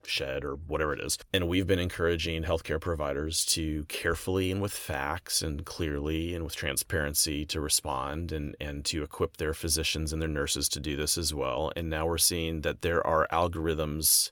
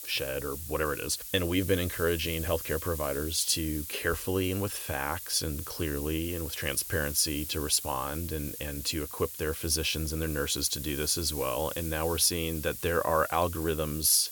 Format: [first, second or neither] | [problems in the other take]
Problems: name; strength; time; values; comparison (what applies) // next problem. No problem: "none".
first | hiss; loud; throughout; 8 dB below the speech